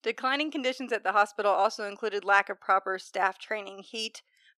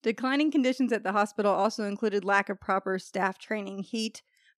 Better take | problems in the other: second | thin; somewhat; fading below 450 Hz

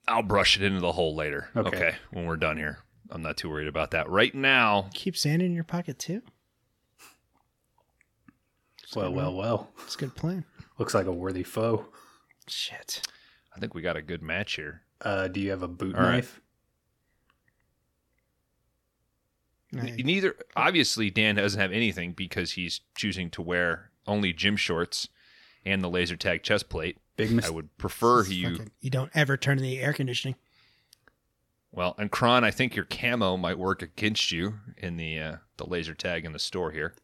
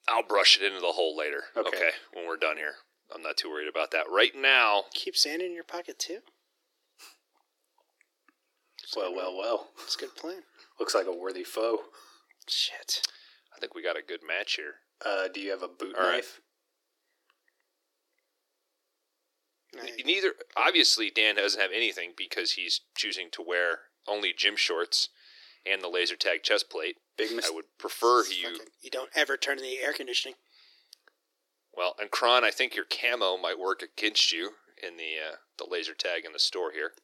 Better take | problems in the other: first | thin; very; fading below 350 Hz

